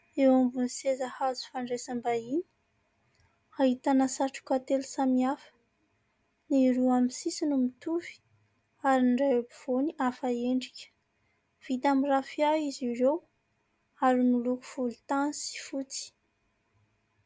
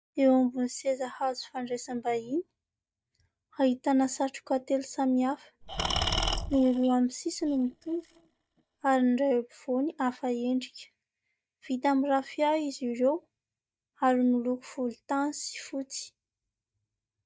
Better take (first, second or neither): first